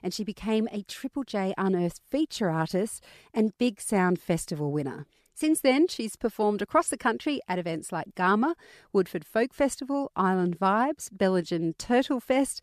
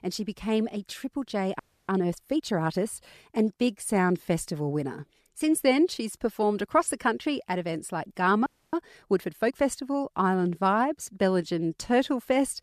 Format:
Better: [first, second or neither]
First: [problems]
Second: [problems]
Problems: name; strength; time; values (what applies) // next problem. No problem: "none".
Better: first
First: none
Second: audio freezing; at 1.5 s and at 8.5 s